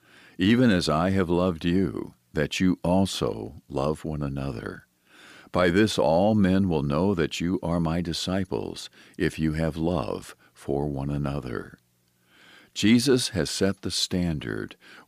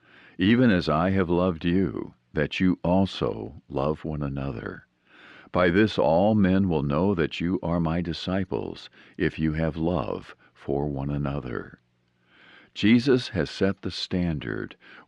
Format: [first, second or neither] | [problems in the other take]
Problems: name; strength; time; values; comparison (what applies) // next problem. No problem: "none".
first | muffled; slightly; fading above 2.5 kHz